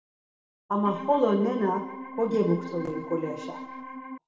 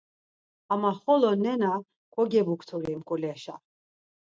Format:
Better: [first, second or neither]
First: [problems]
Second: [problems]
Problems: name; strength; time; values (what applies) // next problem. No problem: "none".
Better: second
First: background sound (Organ); 11 dB below the speech // room echo; dies away in 0.8 s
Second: none